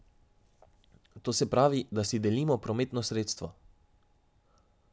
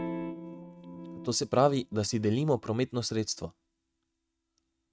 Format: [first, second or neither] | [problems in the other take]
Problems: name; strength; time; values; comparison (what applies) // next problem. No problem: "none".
first | noise reduction (neural mask model RNNoise)